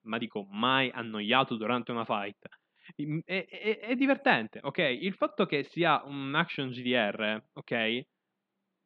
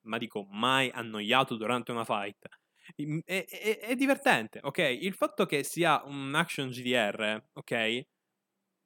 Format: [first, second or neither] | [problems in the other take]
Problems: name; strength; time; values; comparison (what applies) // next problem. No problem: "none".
second | muffled; very slightly; fading above 4 kHz